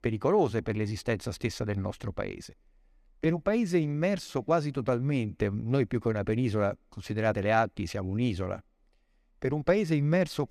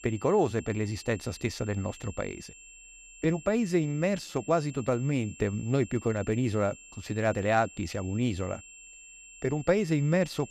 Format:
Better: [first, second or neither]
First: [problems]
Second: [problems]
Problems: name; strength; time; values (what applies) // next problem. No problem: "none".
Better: first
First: none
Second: high-pitched whine; noticeable; throughout; 2.5 kHz, 20 dB below the speech